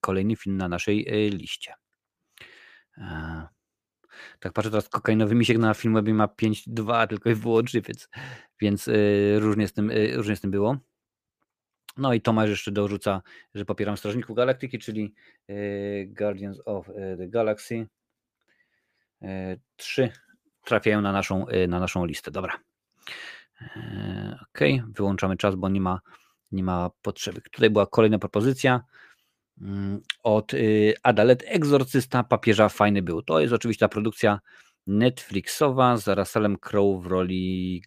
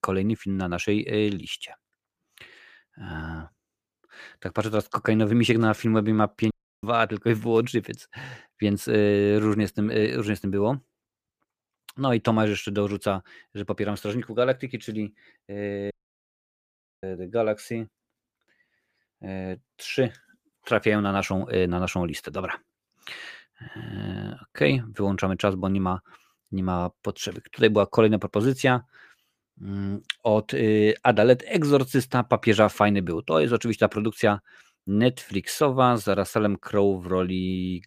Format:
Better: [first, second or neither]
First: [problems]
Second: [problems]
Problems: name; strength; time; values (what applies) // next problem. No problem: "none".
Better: first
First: none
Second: audio cutting out; at 6.5 s and at 16 s for 1 s